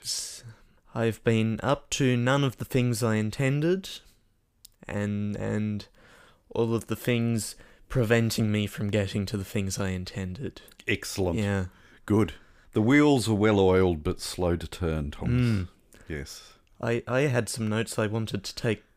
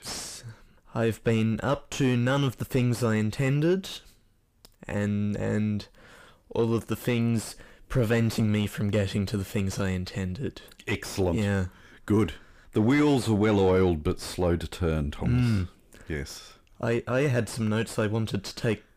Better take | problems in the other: first | distortion; slight; 10 dB below the speech

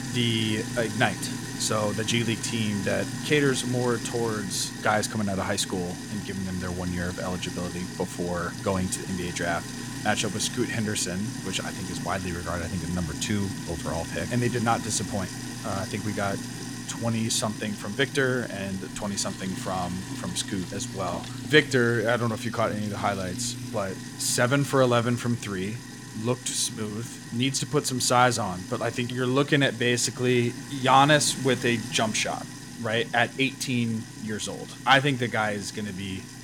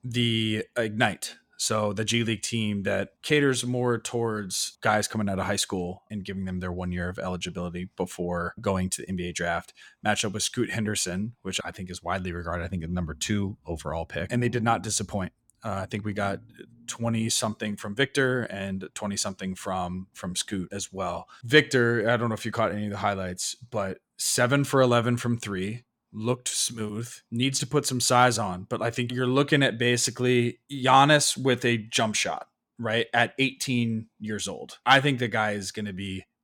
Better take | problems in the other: second | household noises; loud; throughout; 9 dB below the speech

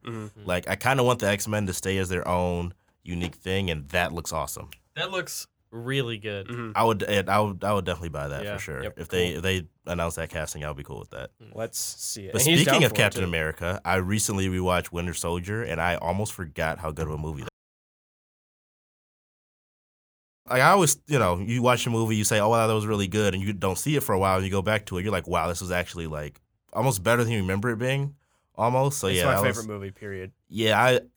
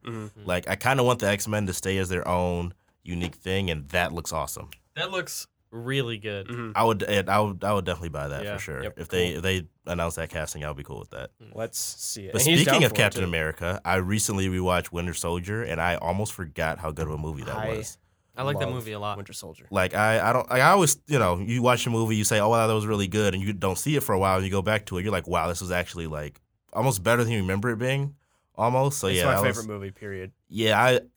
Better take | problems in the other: second | audio cutting out; at 17 s for 3 s

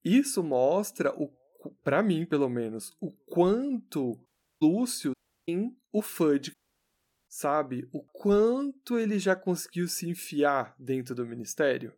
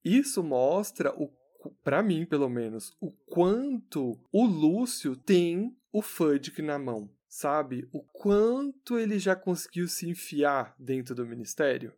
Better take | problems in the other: second | audio cutting out; at 4.5 s, at 5 s and at 6.5 s for 0.5 s

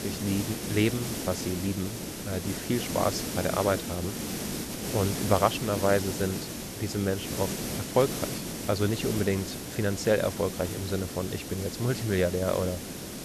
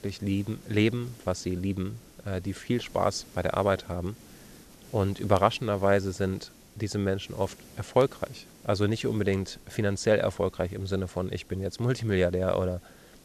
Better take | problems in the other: second | hiss; loud; throughout; 5 dB below the speech; faint in the second

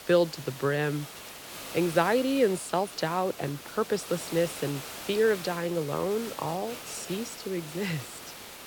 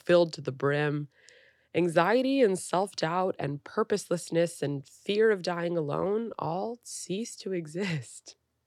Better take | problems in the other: second | hiss; noticeable; throughout; 10 dB below the speech

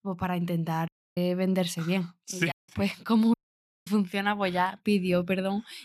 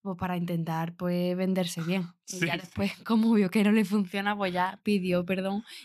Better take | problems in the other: second | audio cutting out; at 1 s, at 2.5 s and at 3.5 s for 0.5 s

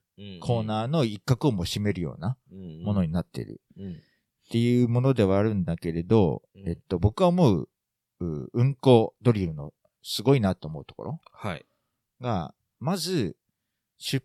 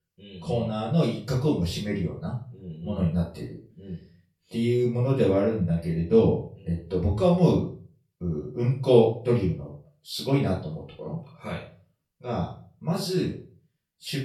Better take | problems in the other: first | off-mic speech; far // room echo; slight; dies away in 0.3 s

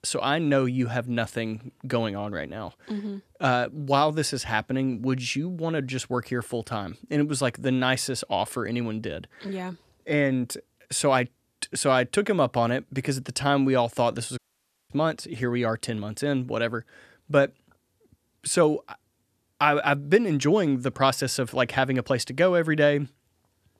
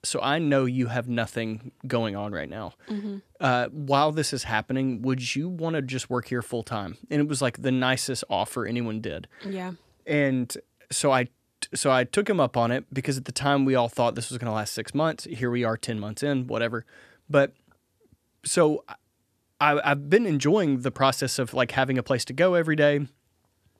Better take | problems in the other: second | audio cutting out; at 14 s for 0.5 s

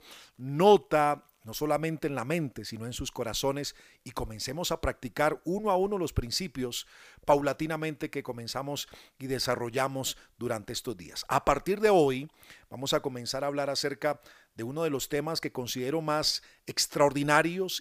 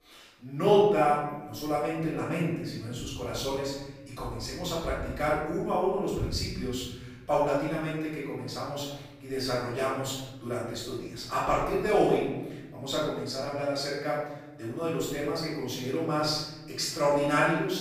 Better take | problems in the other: first | off-mic speech; far // room echo; strong; dies away in 1.3 s

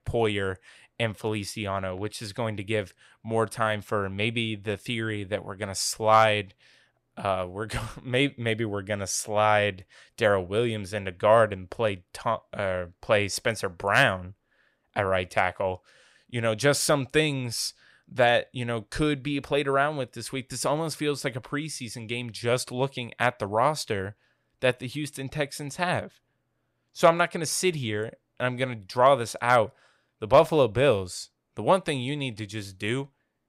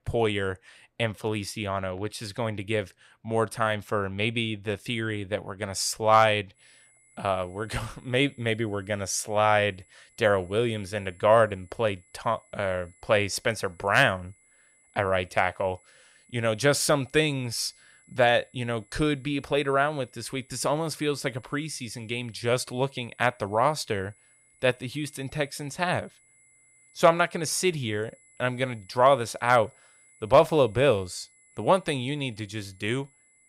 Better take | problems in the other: first | high-pitched whine; faint; from 6.5 s on; 2 kHz, 30 dB below the speech

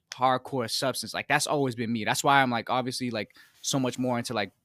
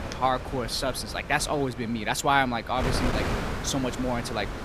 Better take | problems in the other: first | wind noise on the microphone; heavy; 8 dB below the speech

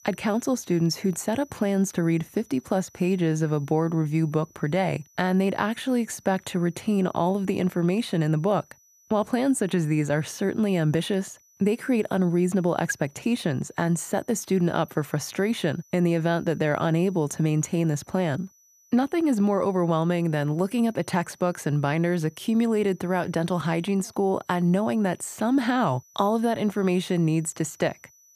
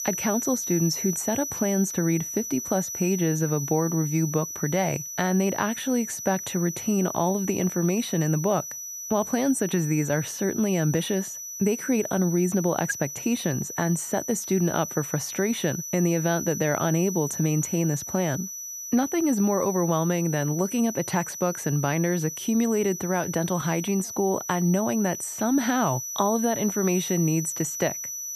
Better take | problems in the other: first | high-pitched whine; loud; throughout; 6 kHz, 7 dB below the speech; faint in the first

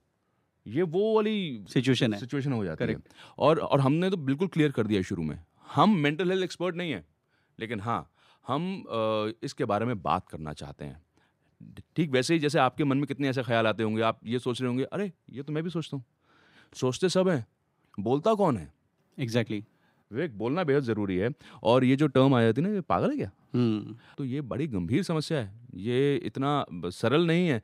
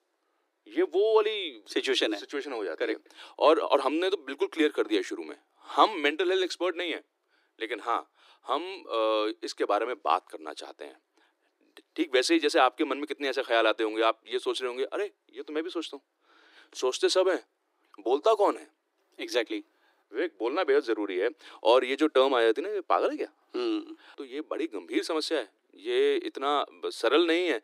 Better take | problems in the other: first | thin; very; fading below 300 Hz

